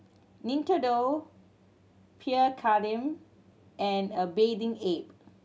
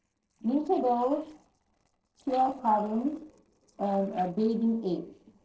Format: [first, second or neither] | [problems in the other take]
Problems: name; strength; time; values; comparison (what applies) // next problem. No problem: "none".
first | noise reduction (neural separator model SepFormer DNS4)